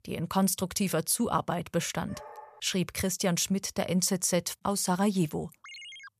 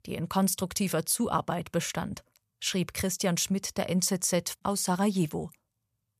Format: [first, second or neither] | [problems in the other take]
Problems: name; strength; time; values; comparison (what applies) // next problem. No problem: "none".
second | dog barking; faint; at 2 s; peak 15 dB below the speech // phone ringing; faint; at 5.5 s; peak 15 dB below the speech